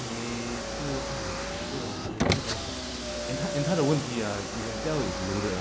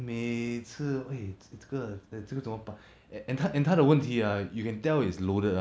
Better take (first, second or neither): second